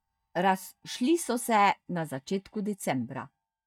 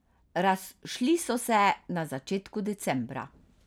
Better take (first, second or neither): second